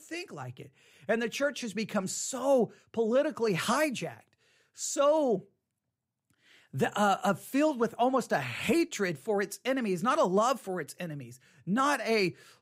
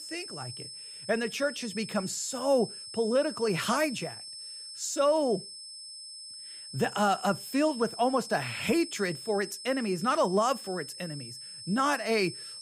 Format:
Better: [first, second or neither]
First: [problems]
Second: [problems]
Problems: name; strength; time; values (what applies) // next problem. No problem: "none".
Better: first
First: none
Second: high-pitched whine; noticeable; throughout; 5.5 kHz, 10 dB below the speech